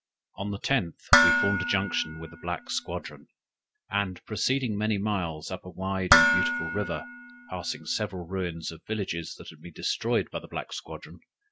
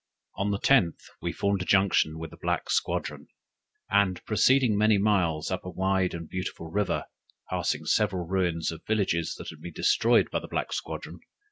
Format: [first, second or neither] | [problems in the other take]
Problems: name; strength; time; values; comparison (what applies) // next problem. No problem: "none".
second | background sound (Dishes, pots, and pans); 5 dB above the speech